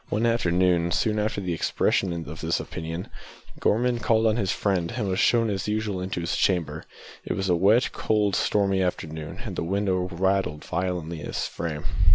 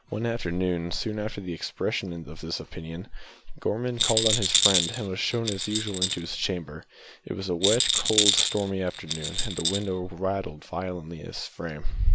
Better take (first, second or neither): first